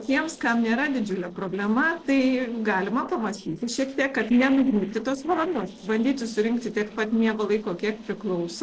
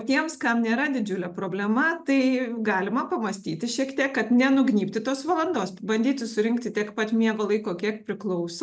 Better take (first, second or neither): second